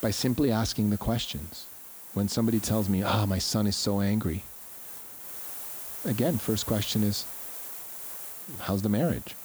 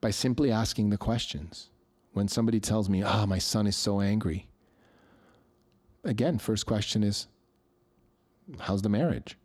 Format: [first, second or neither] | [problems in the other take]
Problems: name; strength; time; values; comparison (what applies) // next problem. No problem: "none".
second | hiss; loud; throughout; 10 dB below the speech